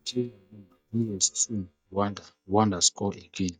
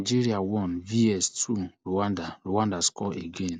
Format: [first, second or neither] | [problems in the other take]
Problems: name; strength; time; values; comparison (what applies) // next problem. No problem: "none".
second | noise reduction (neural mask model DeepFilterNet 3)